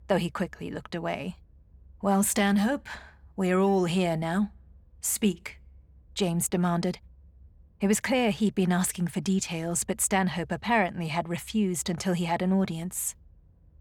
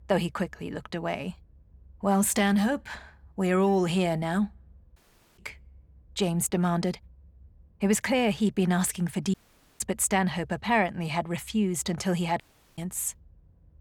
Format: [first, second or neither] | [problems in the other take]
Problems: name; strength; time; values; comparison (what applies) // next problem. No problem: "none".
first | audio cutting out; at 5 s, at 9.5 s and at 12 s